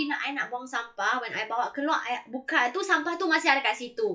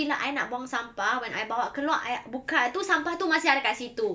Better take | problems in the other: second | noise reduction (classical method log-MMSE)

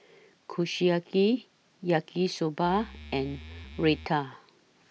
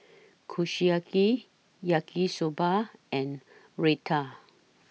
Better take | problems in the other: second | background sound (Musical instrument); 15 dB below the speech

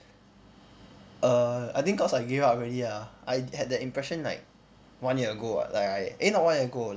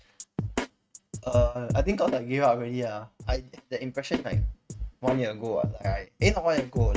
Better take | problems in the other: first | noise reduction (neural mask model RNNoise)

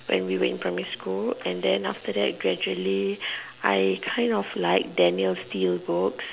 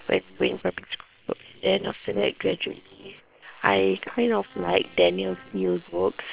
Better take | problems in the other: first | noise reduction (neural separator model SepFormer WHAM!)

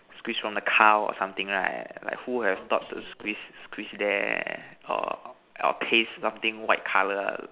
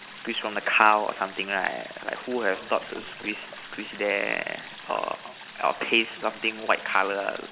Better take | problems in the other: first | background sound (Stream); 15 dB below the speech

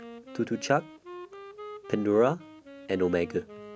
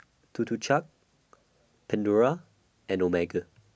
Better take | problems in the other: second | background sound (Wind instrument, woodwind instrument); 15 dB below the speech

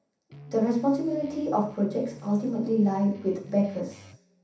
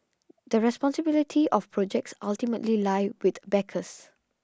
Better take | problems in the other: second | background sound (Guitar); 19 dB below the speech // room echo; dies away in 0.7 s

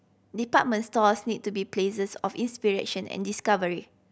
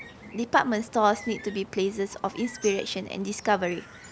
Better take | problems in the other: first | background sound (Bird + Tambourine); 17 dB below the speech

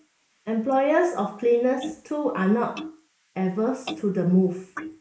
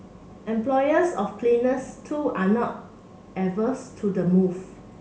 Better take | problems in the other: second | noise reduction (neural mask model Resemble Enhance denoiser)

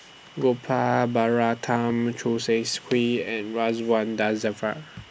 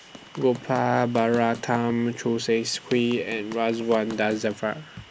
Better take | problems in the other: first | background sound (Run); 18 dB below the speech

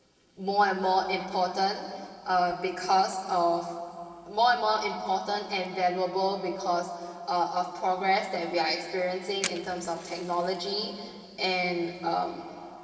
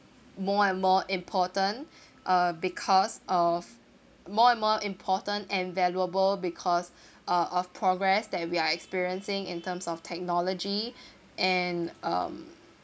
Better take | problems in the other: second | noise reduction (neural separator model SepFormer DNS4)

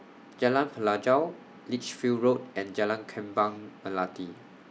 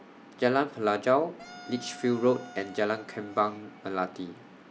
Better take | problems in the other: first | background sound (Wind instrument, woodwind instrument); 20 dB below the speech

